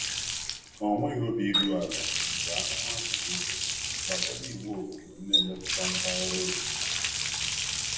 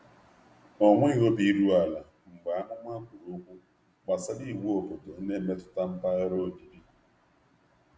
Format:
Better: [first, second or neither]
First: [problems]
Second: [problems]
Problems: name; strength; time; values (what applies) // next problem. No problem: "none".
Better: second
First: background sound (Water tap, faucet); 4 dB above the speech // room echo; dies away in 0.7 s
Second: none